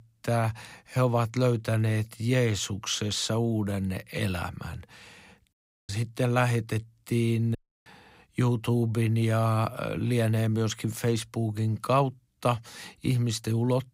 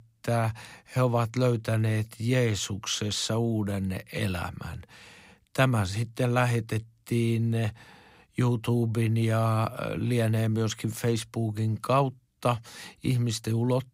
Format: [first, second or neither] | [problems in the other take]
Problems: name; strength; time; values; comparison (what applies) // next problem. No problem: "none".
second | audio cutting out; at 5.5 s and at 7.5 s